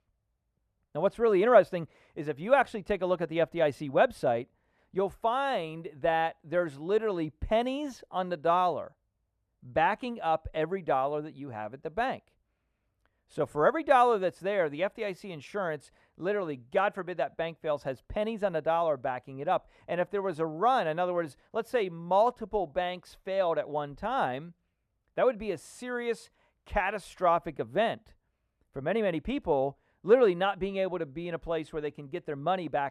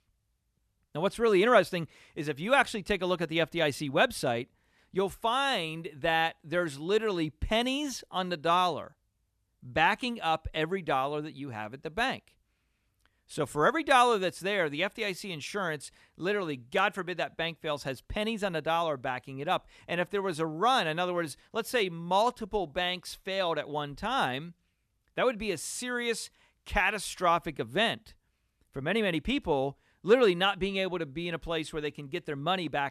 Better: second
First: muffled; slightly; fading above 2.5 kHz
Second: none

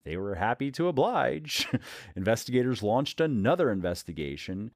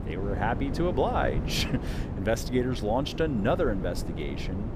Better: first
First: none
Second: wind noise on the microphone; occasional gusts; 10 dB below the speech

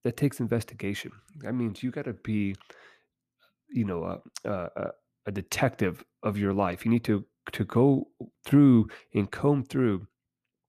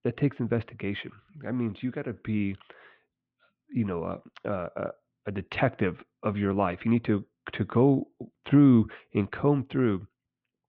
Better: first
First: none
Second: muffled; very; fading above 3.5 kHz

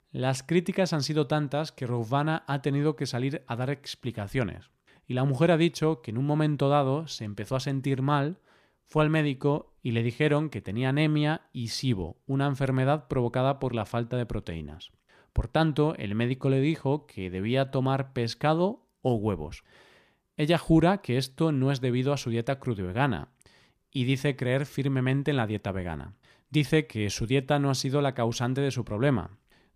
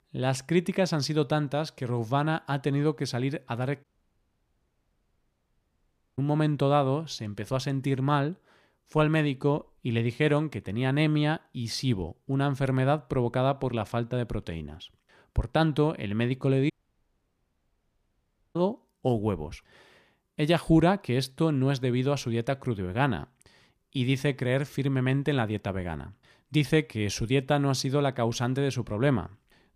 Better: first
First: none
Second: audio cutting out; at 4 s for 2.5 s and at 17 s for 2 s

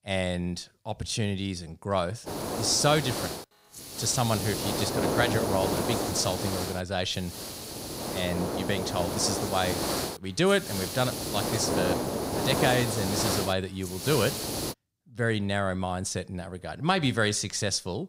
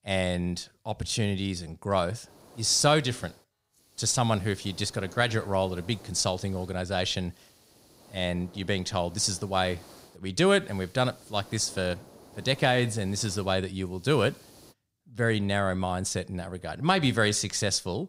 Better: second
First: hiss; loud; from 2.5 to 15 s; 2 dB below the speech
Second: hiss; faint; from 2.5 to 15 s; 25 dB below the speech

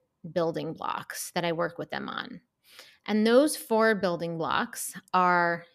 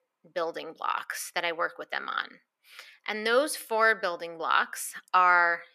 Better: first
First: none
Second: thin; very; fading below 500 Hz

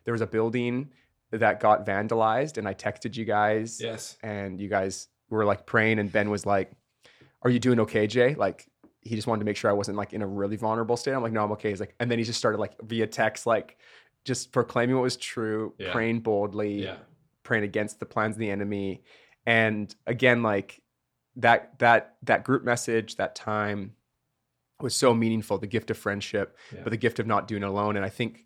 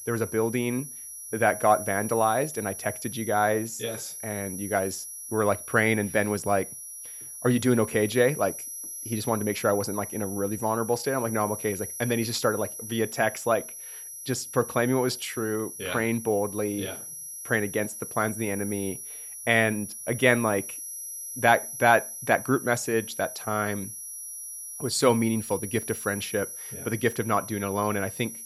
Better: first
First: none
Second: high-pitched whine; loud; throughout; 11 kHz, 9 dB below the speech

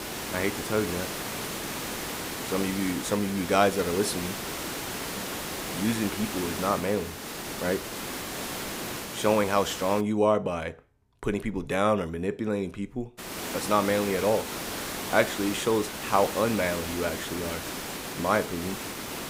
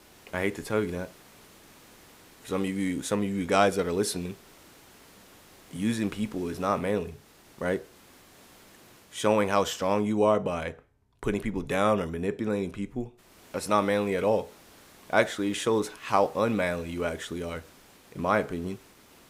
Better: second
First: hiss; loud; until 10 s and from 13 s on; 6 dB below the speech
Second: hiss; faint; until 10 s and from 13 s on; 25 dB below the speech

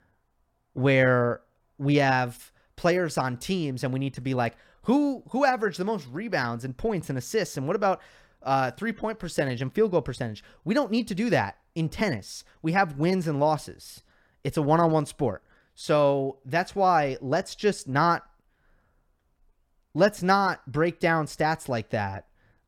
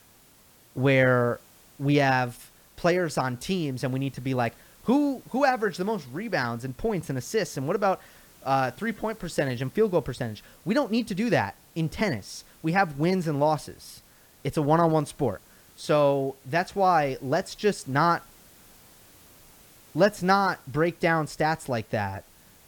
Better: first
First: none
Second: hiss; faint; throughout; 25 dB below the speech

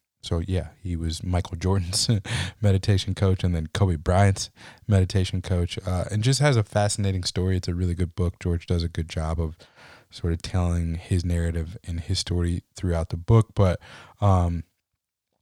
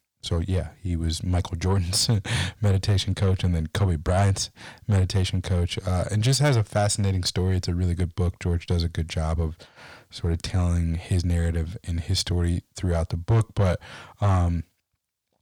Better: first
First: none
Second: distortion; slight; 10 dB below the speech

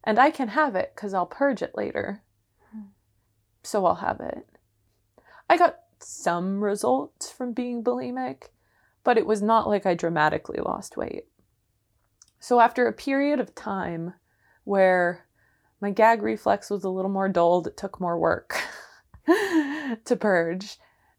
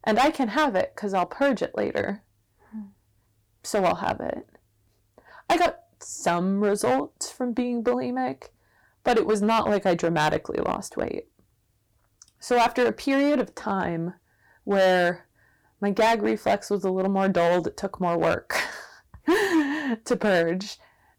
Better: first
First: none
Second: distortion; heavy; 6% of the sound clipped

